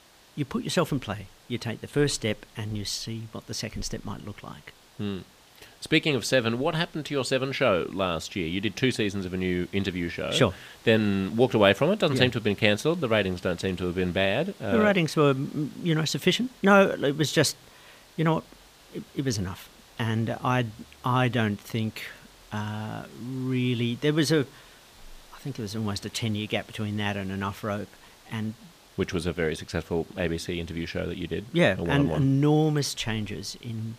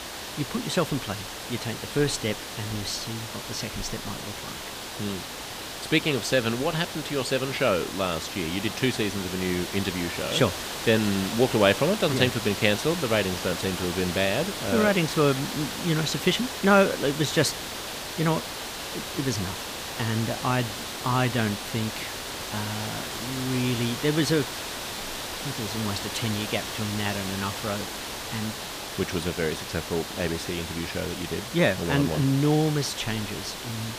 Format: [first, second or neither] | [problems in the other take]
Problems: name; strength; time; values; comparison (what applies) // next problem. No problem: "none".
first | hiss; loud; throughout; 6 dB below the speech; faint in the first